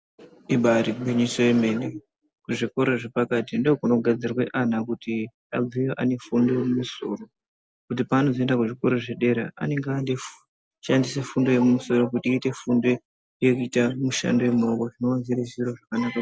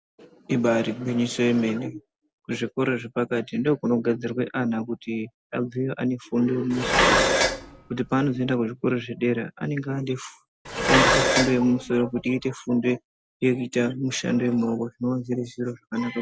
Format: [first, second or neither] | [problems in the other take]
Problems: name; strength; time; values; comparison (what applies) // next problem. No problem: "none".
first | background sound (Dishes, pots, and pans); 2 dB above the speech